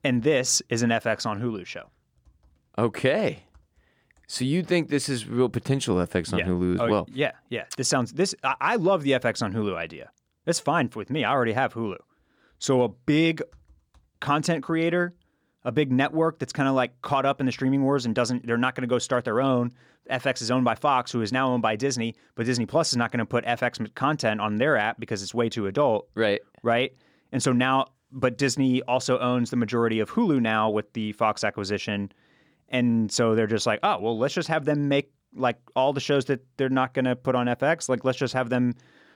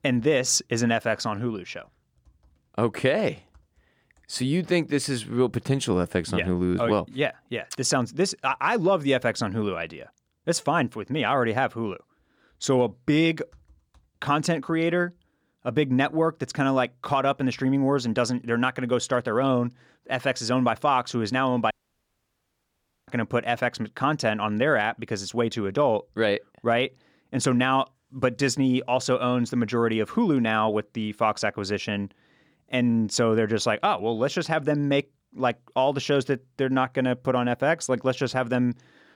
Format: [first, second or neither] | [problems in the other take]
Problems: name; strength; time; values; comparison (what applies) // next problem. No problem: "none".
first | audio cutting out; at 22 s for 1.5 s